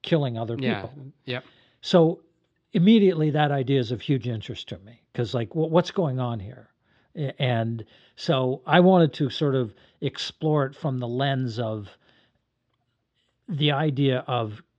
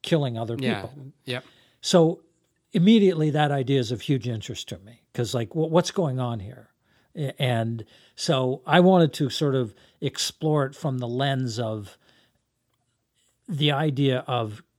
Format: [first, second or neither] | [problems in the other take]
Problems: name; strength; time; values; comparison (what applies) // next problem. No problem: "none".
second | muffled; very slightly; fading above 4 kHz